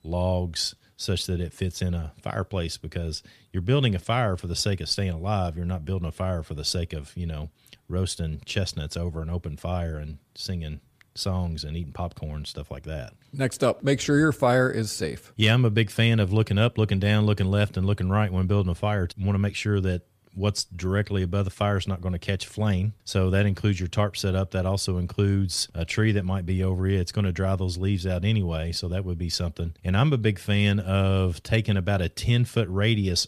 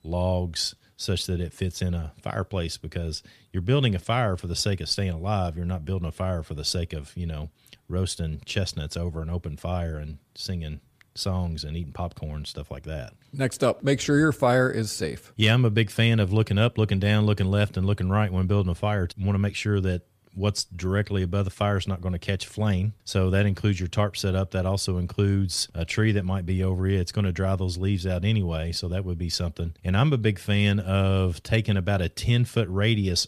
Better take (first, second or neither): neither